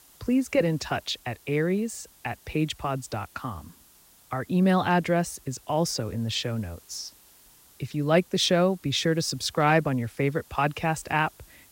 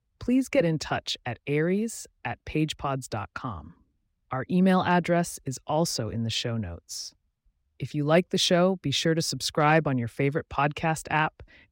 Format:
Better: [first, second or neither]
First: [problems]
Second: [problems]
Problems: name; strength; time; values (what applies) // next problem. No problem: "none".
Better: second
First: hiss; faint; throughout; 25 dB below the speech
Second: none